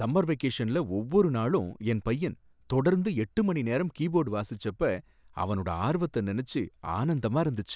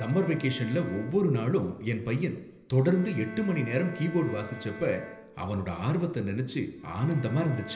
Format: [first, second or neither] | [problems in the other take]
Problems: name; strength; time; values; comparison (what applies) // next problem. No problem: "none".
first | background sound (Bowed string instrument); 18 dB below the speech // room echo; dies away in 0.8 s